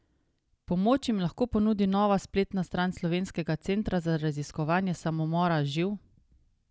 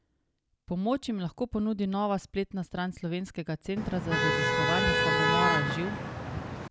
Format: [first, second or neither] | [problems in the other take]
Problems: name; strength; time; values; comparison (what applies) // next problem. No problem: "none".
first | background sound (Motor vehicle (road)); 4 dB above the speech